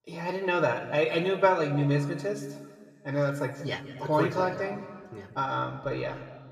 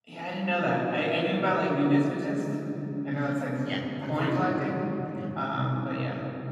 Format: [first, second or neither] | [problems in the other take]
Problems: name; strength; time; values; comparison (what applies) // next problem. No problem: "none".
first | room echo; strong; dies away in 3 s; slight in the first // off-mic speech; far; somewhat distant in the first